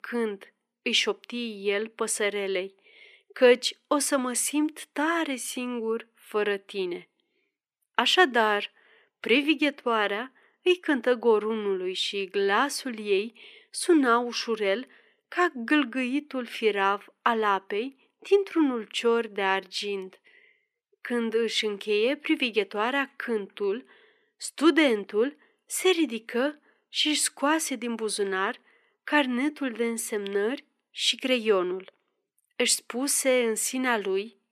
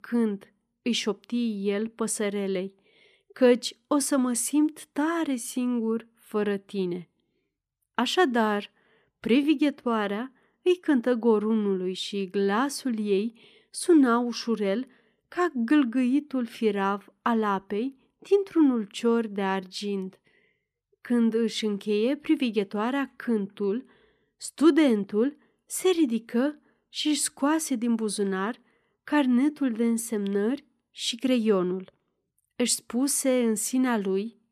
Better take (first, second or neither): second